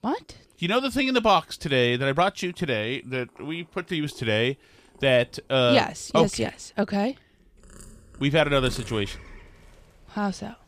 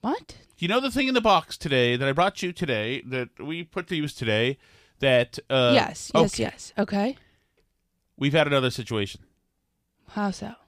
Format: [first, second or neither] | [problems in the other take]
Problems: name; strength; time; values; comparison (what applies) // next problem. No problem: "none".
second | animal sounds; faint; throughout; 20 dB below the speech